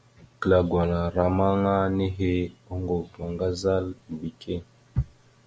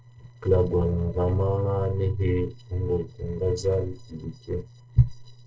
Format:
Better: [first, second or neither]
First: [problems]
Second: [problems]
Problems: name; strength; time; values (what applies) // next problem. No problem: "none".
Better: first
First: none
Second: noise reduction (neural separator model SepFormer DNS4)